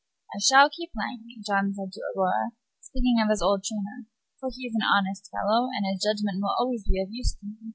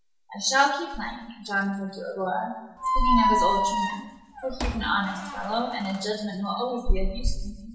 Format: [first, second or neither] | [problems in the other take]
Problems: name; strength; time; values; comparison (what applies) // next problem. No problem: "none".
first | background sound (Squeak); as loud as the speech // room echo; dies away in 0.9 s